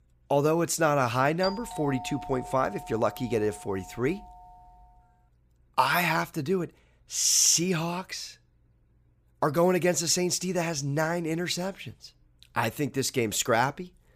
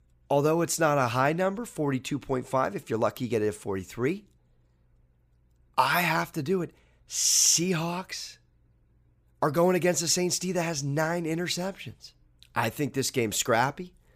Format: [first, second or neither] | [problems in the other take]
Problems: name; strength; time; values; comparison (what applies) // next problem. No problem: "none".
second | doorbell; noticeable; from 1.5 to 4.5 s; peak 10 dB below the speech